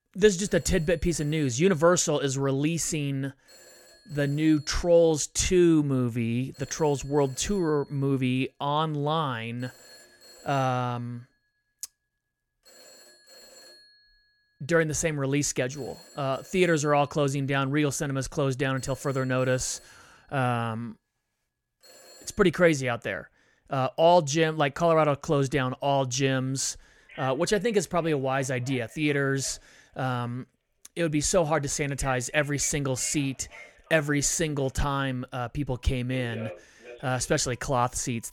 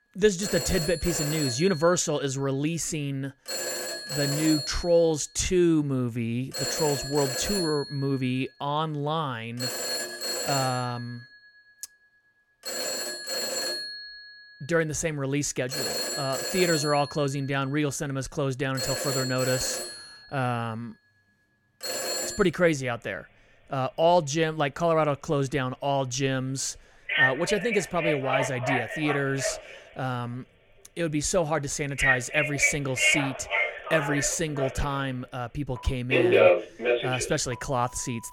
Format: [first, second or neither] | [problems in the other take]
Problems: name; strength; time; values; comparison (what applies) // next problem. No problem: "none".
first | alarms or sirens; loud; throughout; 1 dB below the speech; faint in the first